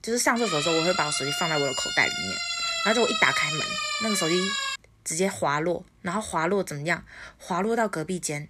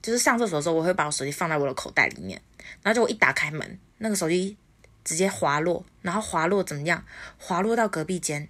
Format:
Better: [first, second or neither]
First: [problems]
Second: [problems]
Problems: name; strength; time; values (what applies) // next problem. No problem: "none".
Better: second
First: siren; loud; until 5 s; peak 1 dB above the speech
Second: none